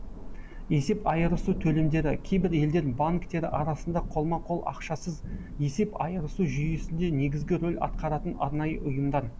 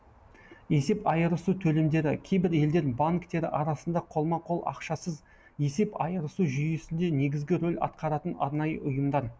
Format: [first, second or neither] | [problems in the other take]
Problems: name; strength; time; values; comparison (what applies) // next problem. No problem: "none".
second | background sound (Thunder / Rain); 7 dB below the speech